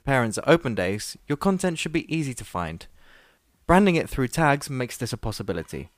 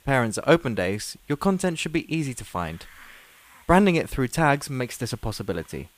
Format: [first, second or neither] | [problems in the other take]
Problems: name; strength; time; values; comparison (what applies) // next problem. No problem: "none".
first | hiss; faint; throughout; 30 dB below the speech